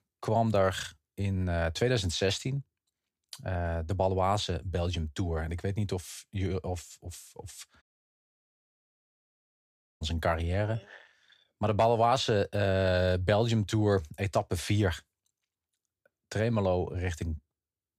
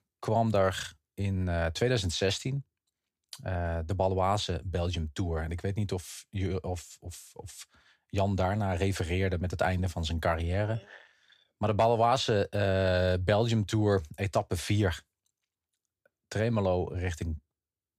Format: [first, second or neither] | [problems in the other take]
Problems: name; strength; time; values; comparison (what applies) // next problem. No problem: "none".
second | audio cutting out; at 8 s for 2 s